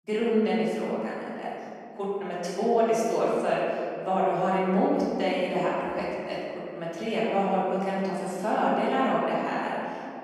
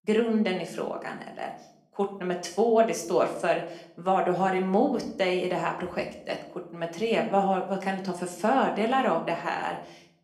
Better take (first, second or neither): second